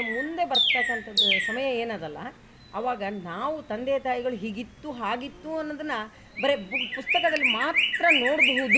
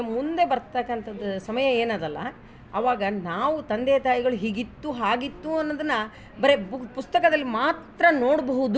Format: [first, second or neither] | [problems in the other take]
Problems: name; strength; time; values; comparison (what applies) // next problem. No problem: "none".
second | background sound (Chirp, tweet); 1 dB above the speech